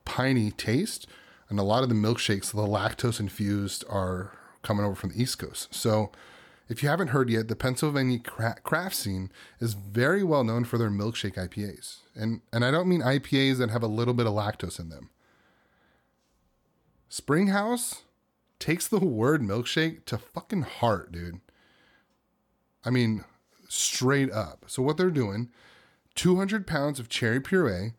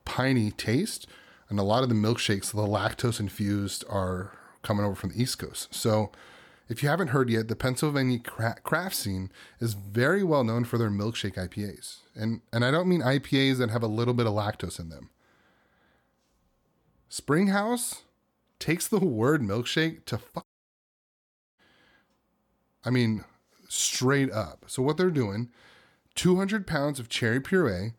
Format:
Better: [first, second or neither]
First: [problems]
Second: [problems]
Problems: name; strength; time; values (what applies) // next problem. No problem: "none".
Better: first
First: none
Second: audio cutting out; at 20 s for 1 s